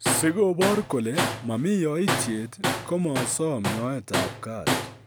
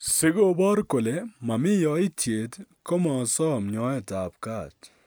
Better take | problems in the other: second | background sound (Tools); 3 dB below the speech

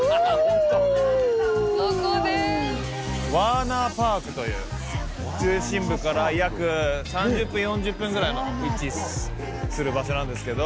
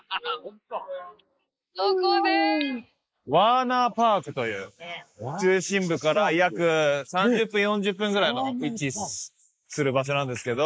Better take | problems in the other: first | noise reduction (neural mask model Resemble Enhance denoiser)

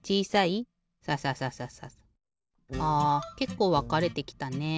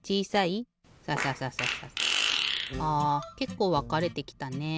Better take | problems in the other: first | background sound (Fart); 1 dB below the speech

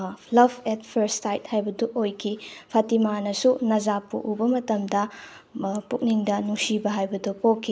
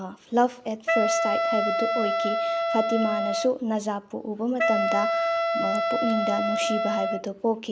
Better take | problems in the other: first | background sound (Wind instrument, woodwind instrument); 3 dB above the speech

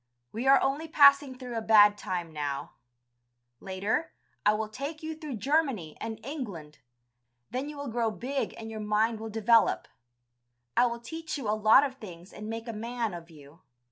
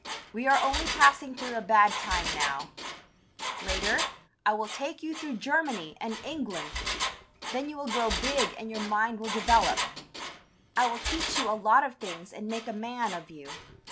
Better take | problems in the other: first | background sound (Engine); 6 dB below the speech

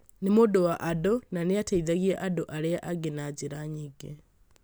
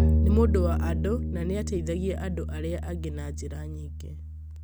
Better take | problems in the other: first | background sound (Bowed string instrument); 5 dB above the speech

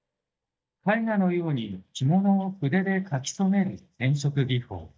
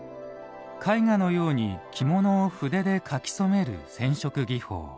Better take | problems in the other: second | noise reduction (neural mask model DeepFilterNet 3)

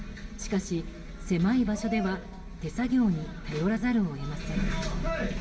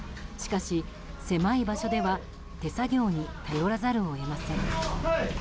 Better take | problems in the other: second | room echo; dies away in 1.8 s

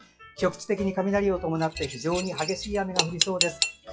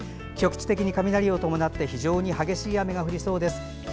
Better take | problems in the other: second | noise reduction (classical method WPE with log-MMSE)

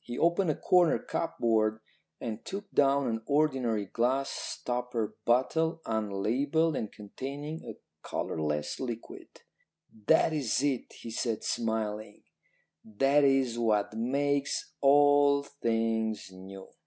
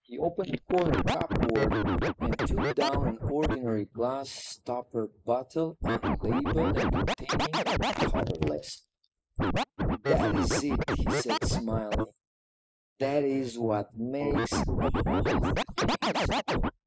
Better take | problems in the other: first | noise reduction (neural mask model Resemble Enhance denoiser)

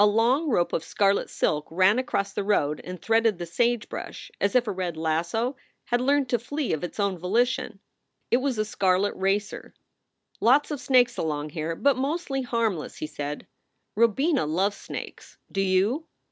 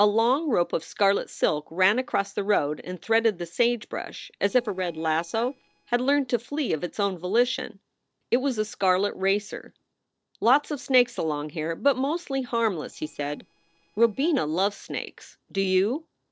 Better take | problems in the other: first | noise reduction (neural separator model SepFormer DNS4)

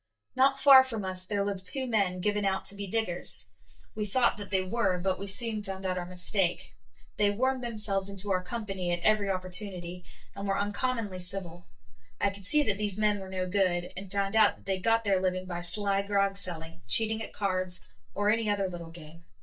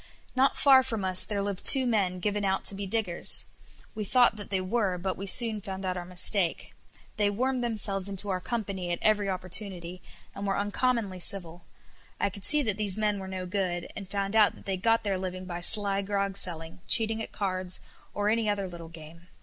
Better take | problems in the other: second | noise reduction (neural mask model DeepFilterNet 3)

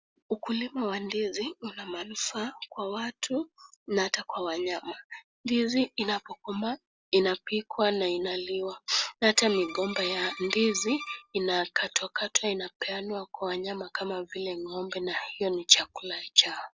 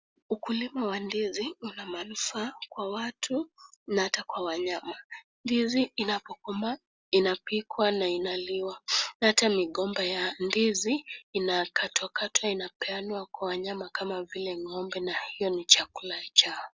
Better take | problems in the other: second | background sound (Bowed string instrument); 13 dB below the speech

